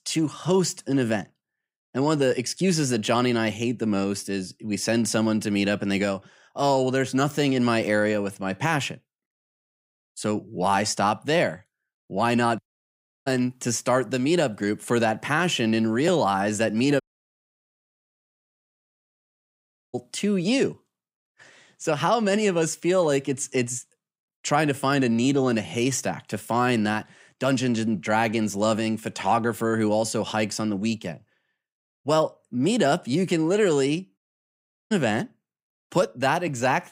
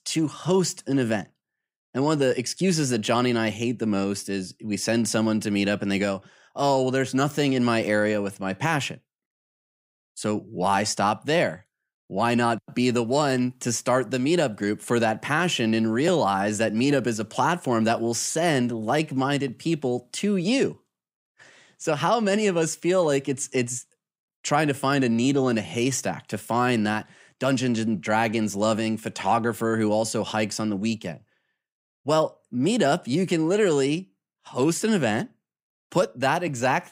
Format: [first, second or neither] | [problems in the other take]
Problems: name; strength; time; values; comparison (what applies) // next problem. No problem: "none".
second | audio cutting out; at 13 s for 0.5 s, at 17 s for 3 s and at 34 s for 0.5 s